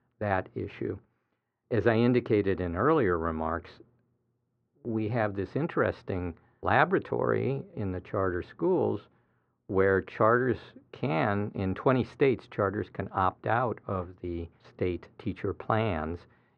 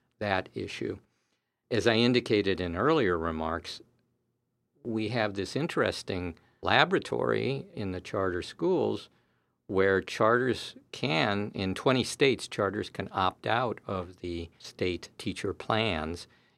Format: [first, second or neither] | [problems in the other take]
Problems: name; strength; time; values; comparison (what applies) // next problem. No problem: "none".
second | muffled; very; fading above 1.5 kHz